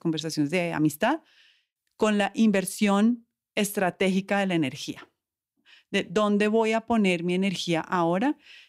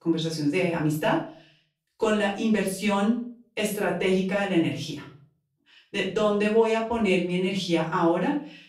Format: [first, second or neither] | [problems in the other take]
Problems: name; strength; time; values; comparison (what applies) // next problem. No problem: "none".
first | room echo; noticeable; dies away in 0.4 s // off-mic speech; far